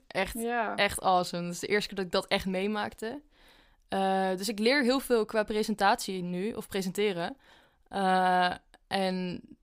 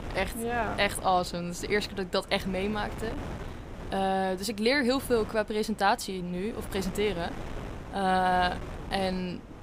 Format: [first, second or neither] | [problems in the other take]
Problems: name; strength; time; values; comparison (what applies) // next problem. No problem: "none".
first | wind noise on the microphone; occasional gusts; 15 dB below the speech